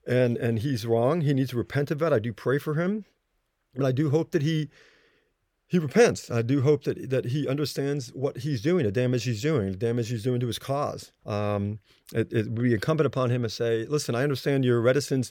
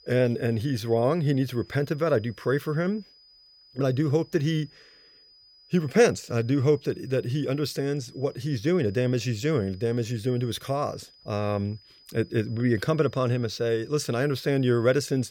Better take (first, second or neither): first